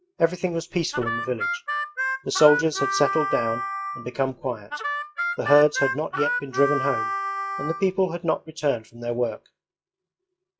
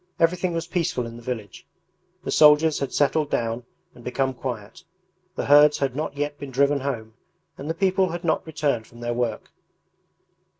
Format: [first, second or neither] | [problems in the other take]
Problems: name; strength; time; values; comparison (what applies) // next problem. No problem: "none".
second | noise reduction (classical method log-MMSE)